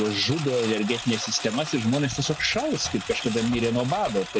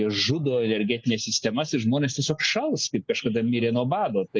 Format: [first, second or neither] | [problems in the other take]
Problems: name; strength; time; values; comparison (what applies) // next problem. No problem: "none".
second | background sound (Engine); 11 dB below the speech